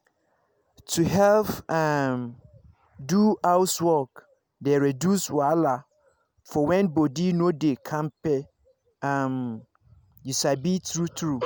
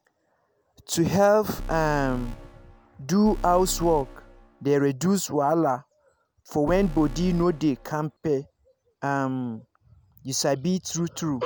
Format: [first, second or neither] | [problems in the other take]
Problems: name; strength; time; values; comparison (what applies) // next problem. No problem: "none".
first | background sound (Alarm); 10 dB below the speech